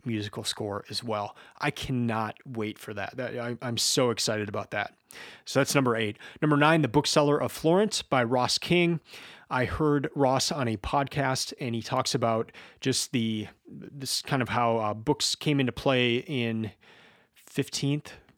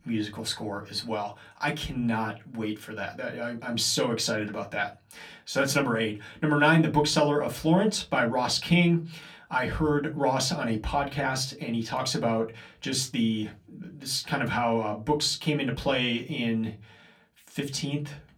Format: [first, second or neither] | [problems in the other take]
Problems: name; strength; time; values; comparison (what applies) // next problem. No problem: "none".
first | off-mic speech; far // room echo; very slight; dies away in 0.2 s